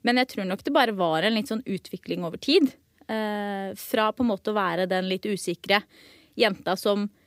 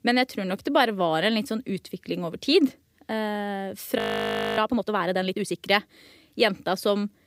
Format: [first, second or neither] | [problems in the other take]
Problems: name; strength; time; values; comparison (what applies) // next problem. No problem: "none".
first | audio freezing; at 4 s for 0.5 s